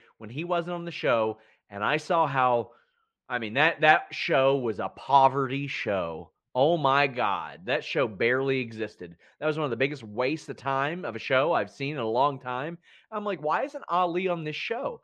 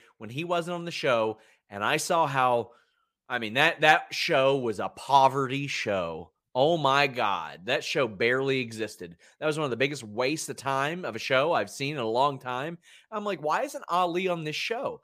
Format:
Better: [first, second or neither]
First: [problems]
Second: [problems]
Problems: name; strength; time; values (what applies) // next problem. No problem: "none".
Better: second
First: muffled; slightly; fading above 3 kHz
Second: none